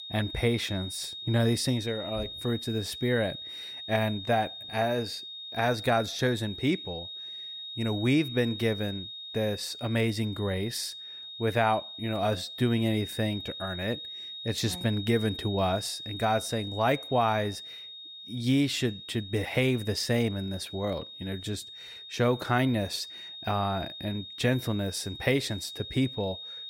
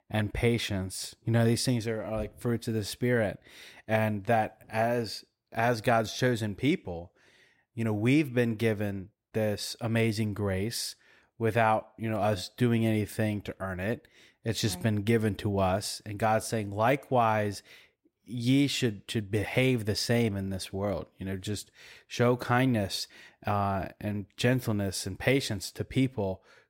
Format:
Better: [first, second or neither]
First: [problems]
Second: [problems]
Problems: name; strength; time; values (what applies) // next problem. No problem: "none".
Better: second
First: high-pitched whine; loud; throughout; 3.5 kHz, 9 dB below the speech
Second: none